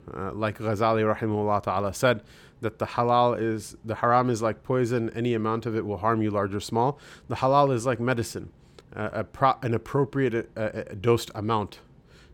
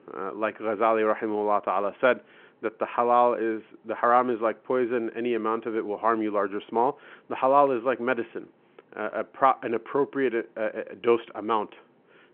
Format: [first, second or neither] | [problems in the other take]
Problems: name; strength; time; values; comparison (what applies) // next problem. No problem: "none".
first | phone-call audio